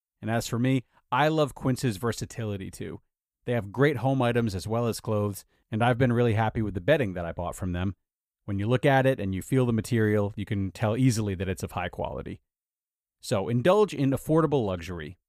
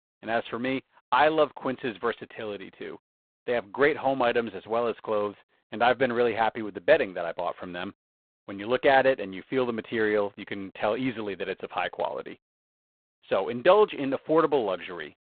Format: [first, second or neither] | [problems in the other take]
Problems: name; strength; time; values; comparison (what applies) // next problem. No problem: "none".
first | phone-call audio; poor line; nothing above 4 kHz